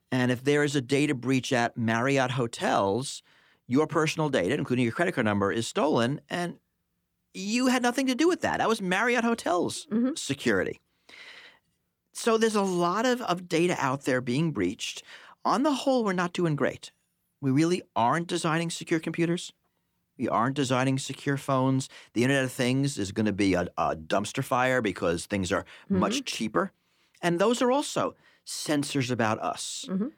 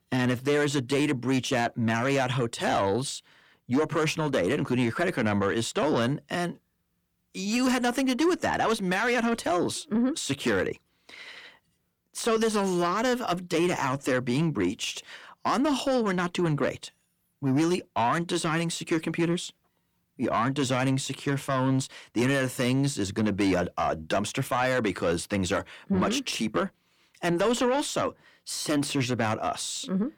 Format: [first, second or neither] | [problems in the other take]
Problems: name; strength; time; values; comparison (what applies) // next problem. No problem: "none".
first | distortion; slight; 10 dB below the speech